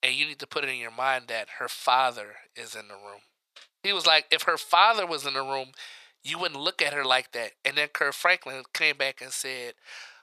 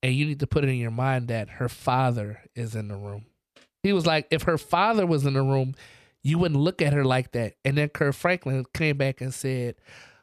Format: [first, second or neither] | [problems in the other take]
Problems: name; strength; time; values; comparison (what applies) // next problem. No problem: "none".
second | thin; very; fading below 950 Hz